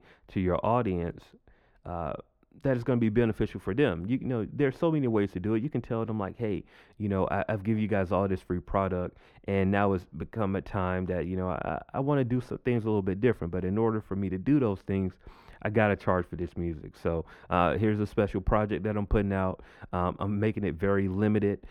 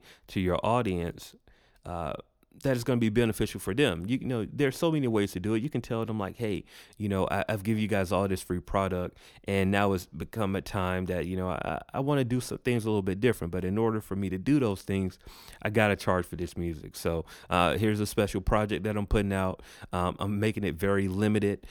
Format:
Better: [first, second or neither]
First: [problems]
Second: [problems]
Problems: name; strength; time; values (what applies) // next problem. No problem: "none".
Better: second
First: muffled; very; fading above 3.5 kHz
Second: none